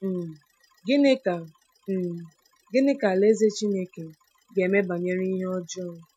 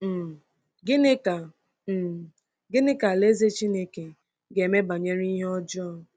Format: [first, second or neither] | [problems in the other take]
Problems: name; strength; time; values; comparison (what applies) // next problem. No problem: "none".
second | noise reduction (classical method Wiener filter)